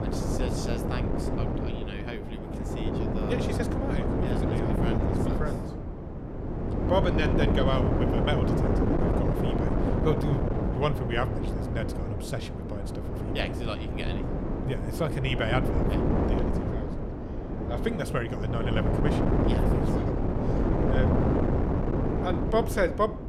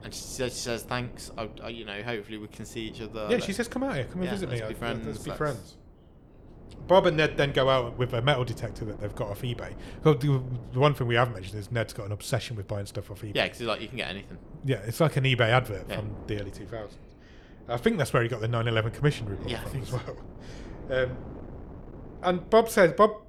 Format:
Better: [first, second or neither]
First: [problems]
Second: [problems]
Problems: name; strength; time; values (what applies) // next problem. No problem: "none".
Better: second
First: wind noise on the microphone; heavy; as loud as the speech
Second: wind noise on the microphone; occasional gusts; 20 dB below the speech